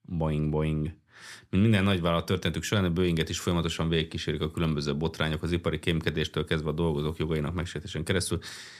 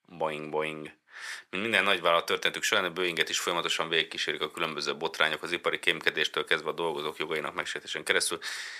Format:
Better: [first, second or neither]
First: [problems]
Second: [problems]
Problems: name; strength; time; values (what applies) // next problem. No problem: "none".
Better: first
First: none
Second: thin; very; fading below 600 Hz